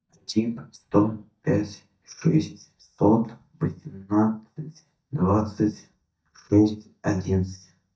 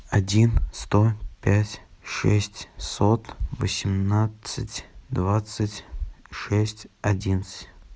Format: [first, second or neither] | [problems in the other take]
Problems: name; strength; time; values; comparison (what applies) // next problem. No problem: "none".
second | noise reduction (neural mask model DeepFilterNet 3)